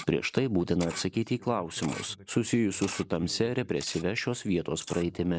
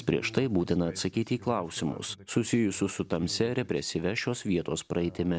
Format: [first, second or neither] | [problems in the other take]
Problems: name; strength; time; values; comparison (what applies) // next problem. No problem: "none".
second | noise reduction (neural mask model Resemble Enhance denoiser)